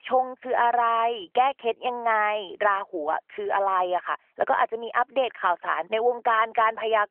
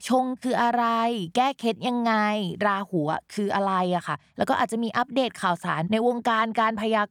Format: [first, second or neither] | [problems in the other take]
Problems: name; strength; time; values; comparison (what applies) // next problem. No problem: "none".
second | phone-call audio; nothing above 3 kHz